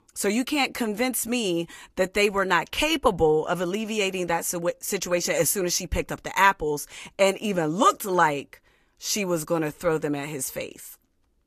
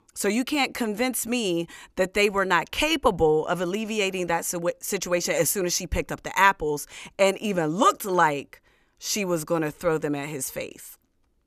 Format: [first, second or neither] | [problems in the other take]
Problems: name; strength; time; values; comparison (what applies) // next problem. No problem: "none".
second | garbled, watery; slightly; nothing above 14 kHz